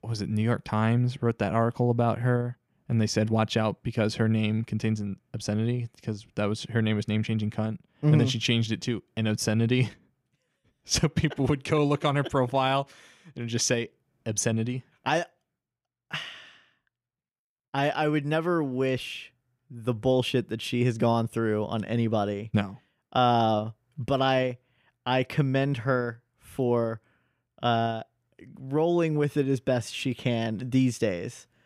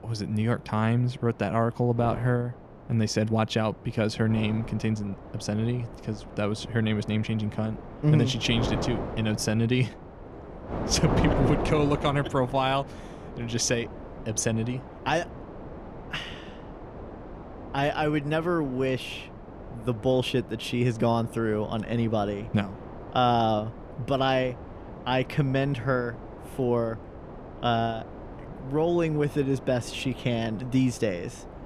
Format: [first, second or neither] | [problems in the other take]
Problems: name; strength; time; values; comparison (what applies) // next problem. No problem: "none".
first | wind noise on the microphone; occasional gusts; 10 dB below the speech